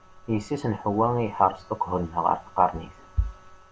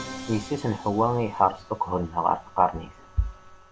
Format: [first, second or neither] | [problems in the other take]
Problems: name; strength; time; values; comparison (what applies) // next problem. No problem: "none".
first | background sound (Musical instrument); 18 dB below the speech